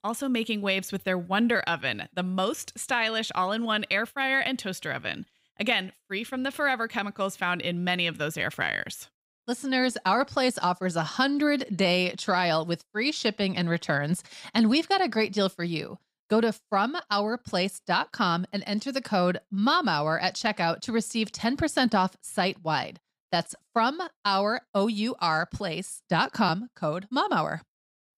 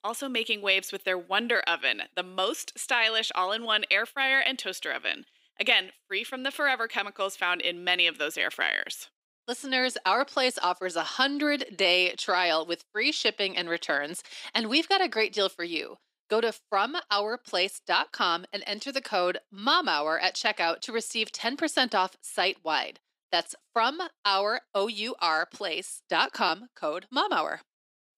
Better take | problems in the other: first | thin; somewhat; fading below 350 Hz

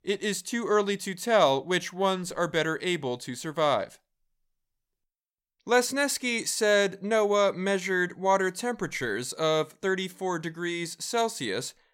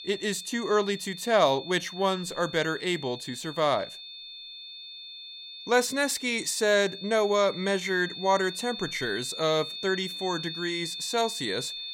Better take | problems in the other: first | high-pitched whine; loud; throughout; 3.5 kHz, 10 dB below the speech

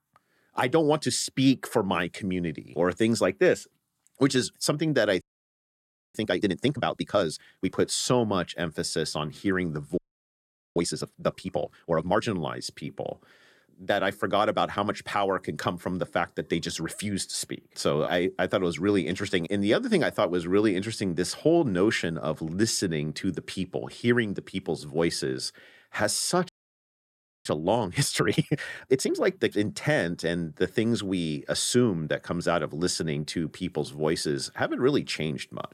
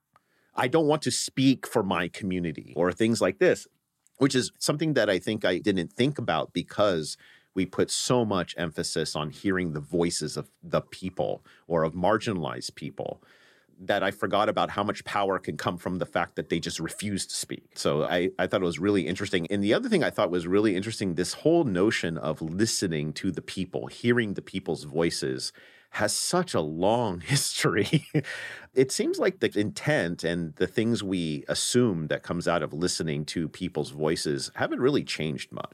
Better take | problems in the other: second | audio freezing; at 5 s for 1 s, at 10 s for 1 s and at 26 s for 1 s

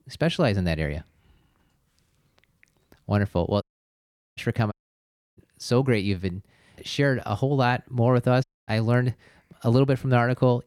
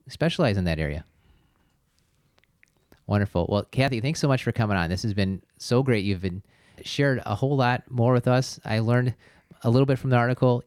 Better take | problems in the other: second | audio cutting out; at 3.5 s for 1 s, at 4.5 s for 0.5 s and at 8.5 s

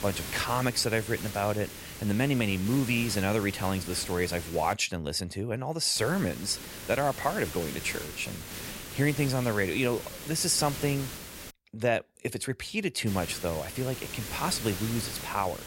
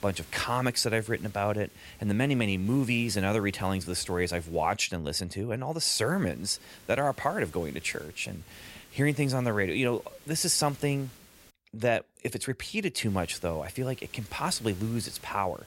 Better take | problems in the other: second | hiss; loud; until 4.5 s, from 6 to 12 s and from 13 s on; 9 dB below the speech; faint in the second

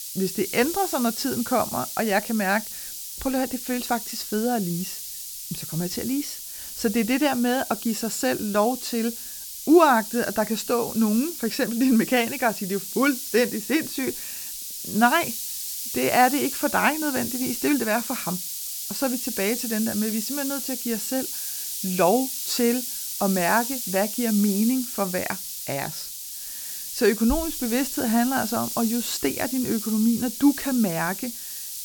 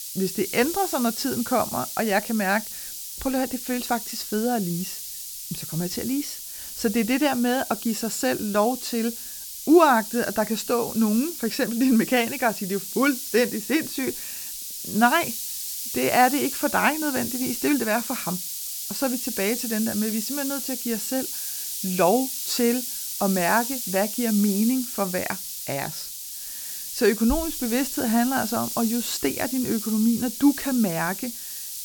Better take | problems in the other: neither | hiss; loud; throughout; 6 dB below the speech; the same in both

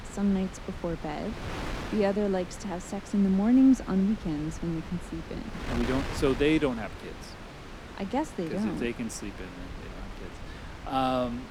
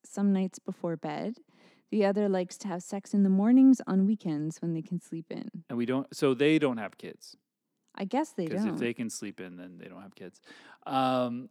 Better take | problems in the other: second | wind noise on the microphone; occasional gusts; 10 dB below the speech

